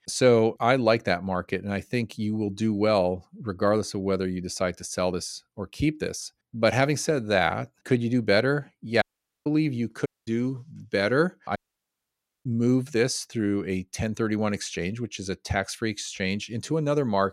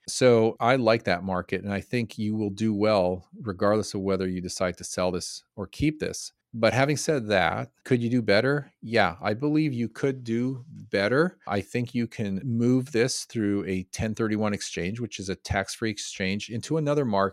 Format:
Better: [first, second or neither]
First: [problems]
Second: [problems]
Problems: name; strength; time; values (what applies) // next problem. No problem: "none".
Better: second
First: audio cutting out; at 9 s, at 10 s and at 12 s for 1 s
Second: none